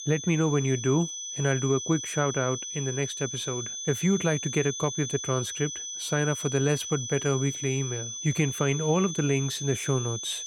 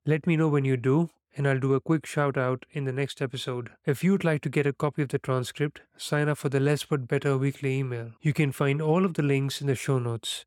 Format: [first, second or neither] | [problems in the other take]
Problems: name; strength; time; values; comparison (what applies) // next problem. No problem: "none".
second | high-pitched whine; loud; throughout; 6 kHz, 5 dB below the speech